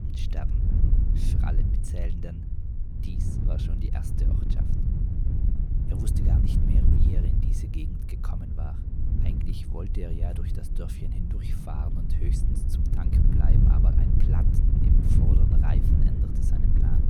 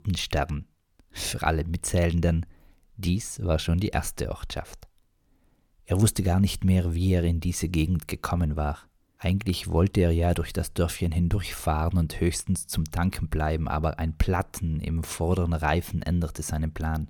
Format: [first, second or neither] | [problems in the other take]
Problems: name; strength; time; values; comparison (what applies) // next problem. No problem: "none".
second | wind noise on the microphone; heavy; 4 dB above the speech